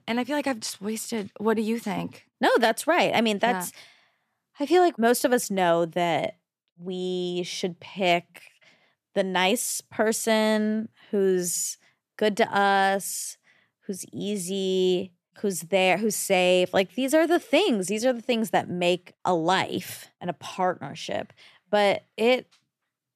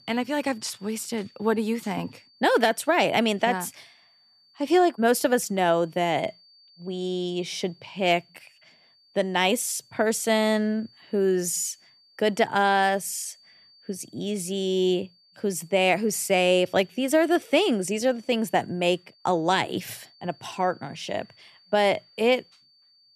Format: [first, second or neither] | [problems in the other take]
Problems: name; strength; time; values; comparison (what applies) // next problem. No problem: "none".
first | high-pitched whine; faint; throughout; 4.5 kHz, 30 dB below the speech